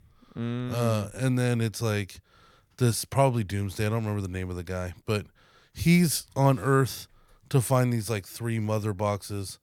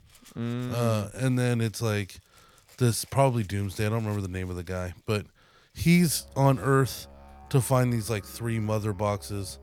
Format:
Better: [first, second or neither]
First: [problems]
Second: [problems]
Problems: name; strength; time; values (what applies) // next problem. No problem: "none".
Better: first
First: none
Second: background music; faint; throughout; 25 dB below the speech